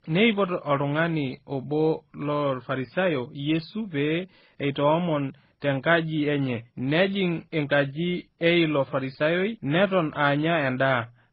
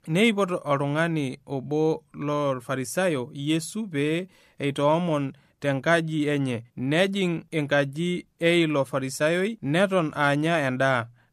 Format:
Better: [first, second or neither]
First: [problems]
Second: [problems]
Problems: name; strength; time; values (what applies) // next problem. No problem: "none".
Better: second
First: garbled, watery; badly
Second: none